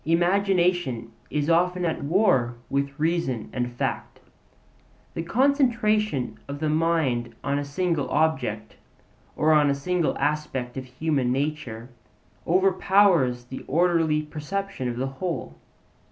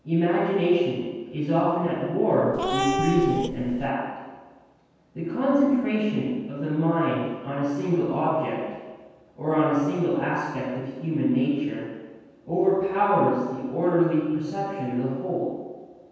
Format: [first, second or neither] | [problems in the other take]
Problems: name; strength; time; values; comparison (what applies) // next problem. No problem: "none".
first | background sound (Cat); 2 dB below the speech // room echo; dies away in 1.2 s